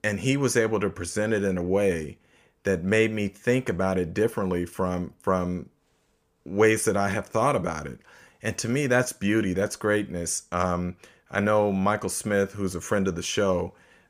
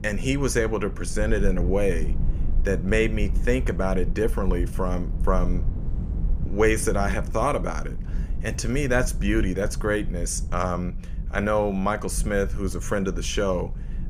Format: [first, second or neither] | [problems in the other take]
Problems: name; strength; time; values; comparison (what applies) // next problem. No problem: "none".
first | low rumble; noticeable; throughout; 20 dB below the speech